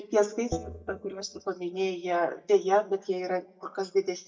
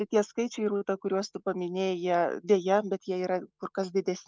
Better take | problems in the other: second | noise reduction (neural mask model DeepFilterNet 3)

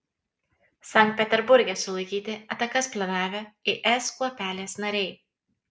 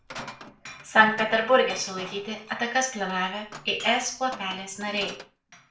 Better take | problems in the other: first | background sound (Glass); 17 dB below the speech // room echo; dies away in 0.4 s

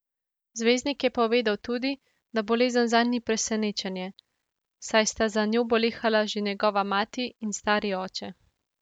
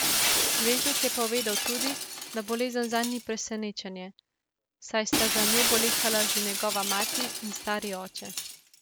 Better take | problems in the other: first | background sound (Shatter); 2 dB above the speech

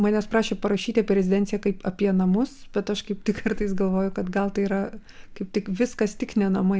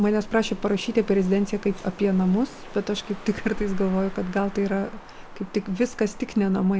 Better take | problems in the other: first | background sound (Wind); 20 dB below the speech

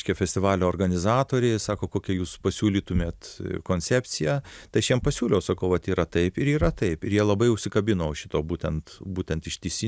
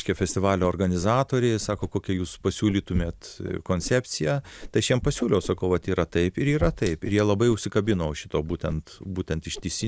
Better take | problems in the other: first | background sound (Whoosh, swoosh, swish); 20 dB below the speech

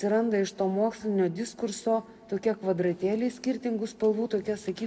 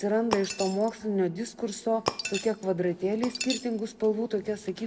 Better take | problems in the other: first | background sound (Shatter); 10 dB below the speech

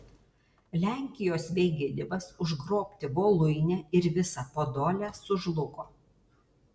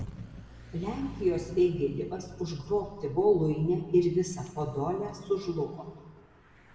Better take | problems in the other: first | background sound (Mechanisms / Bicycle); 20 dB below the speech // room echo; dies away in 1.4 s

